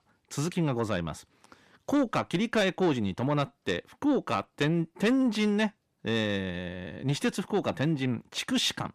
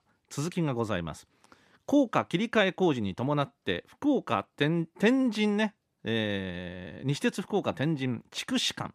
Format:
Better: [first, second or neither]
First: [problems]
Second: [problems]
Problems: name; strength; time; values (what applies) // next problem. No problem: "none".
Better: second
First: distortion; slight; 10 dB below the speech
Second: none